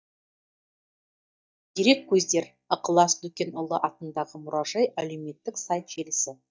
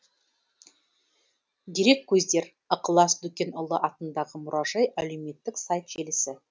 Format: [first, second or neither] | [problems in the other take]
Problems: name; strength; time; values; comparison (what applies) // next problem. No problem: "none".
second | noise reduction (neural mask model DeepFilterNet 3)